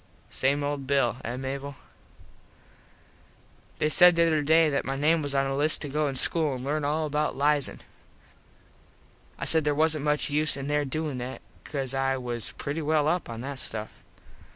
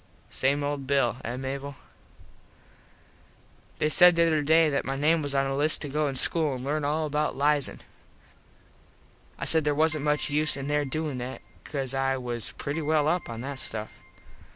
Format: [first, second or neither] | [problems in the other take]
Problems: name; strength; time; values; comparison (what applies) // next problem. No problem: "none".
first | background sound (Keyboard (musical)); 19 dB below the speech